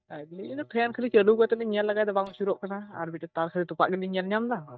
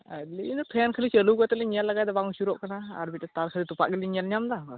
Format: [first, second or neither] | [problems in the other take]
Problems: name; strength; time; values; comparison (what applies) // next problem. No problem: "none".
second | noise reduction (neural mask model DeepFilterNet 3)